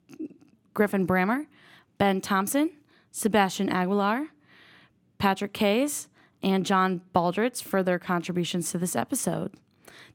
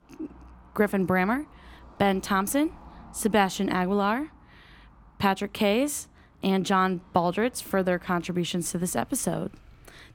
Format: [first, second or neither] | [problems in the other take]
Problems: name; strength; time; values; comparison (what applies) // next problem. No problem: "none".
first | traffic noise; faint; throughout; 25 dB below the speech